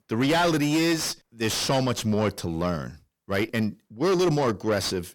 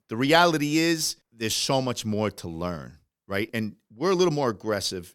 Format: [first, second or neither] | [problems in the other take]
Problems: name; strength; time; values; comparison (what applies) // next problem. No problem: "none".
second | distortion; heavy; 6 dB below the speech